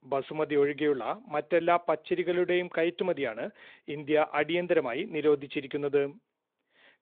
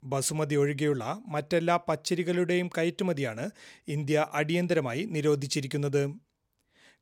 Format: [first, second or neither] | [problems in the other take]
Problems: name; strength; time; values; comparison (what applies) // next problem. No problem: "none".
second | phone-call audio